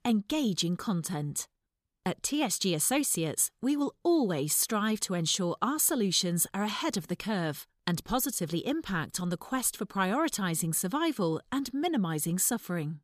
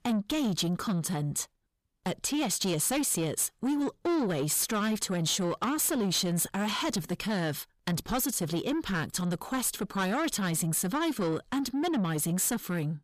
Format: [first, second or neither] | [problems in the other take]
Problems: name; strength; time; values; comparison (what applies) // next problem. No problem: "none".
first | distortion; slight; 10 dB below the speech